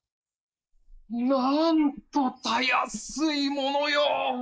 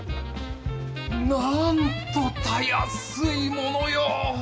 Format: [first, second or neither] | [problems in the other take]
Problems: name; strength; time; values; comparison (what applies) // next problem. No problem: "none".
second | noise reduction (neural mask model Resemble Enhance denoiser)